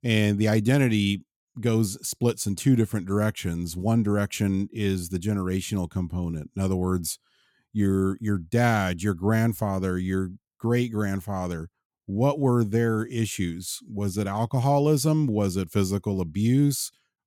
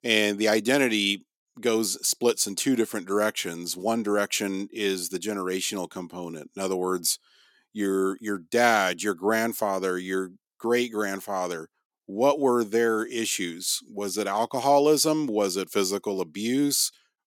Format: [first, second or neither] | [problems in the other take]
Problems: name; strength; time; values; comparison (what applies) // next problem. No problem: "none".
first | thin; somewhat; fading below 300 Hz